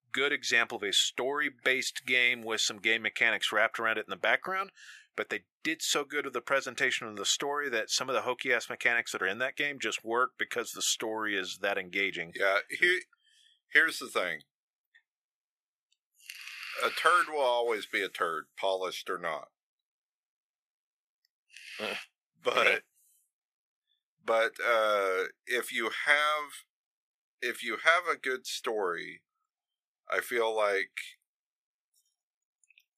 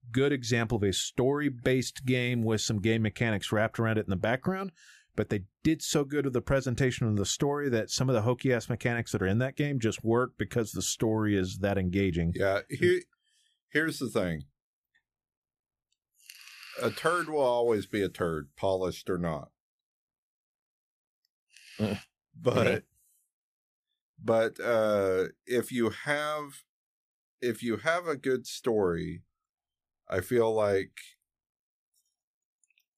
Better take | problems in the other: second | thin; very; fading below 600 Hz

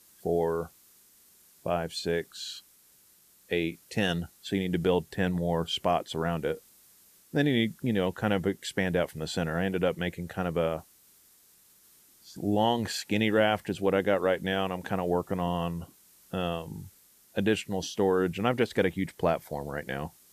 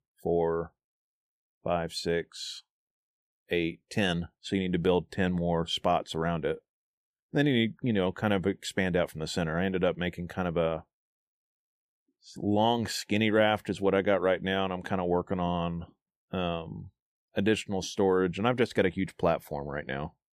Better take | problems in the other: second | hiss; faint; throughout; 25 dB below the speech

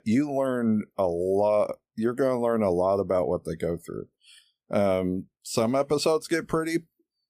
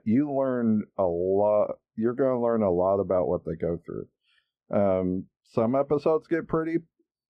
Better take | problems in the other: first | muffled; very; fading above 4 kHz

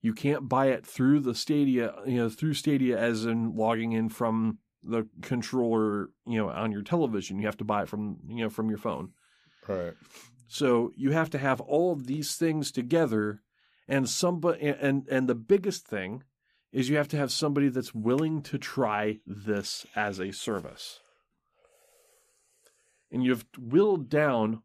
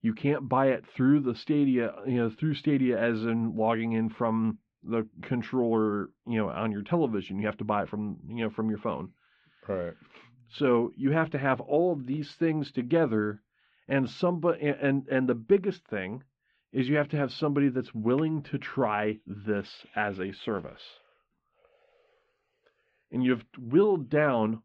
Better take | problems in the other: first | muffled; slightly; fading above 3 kHz

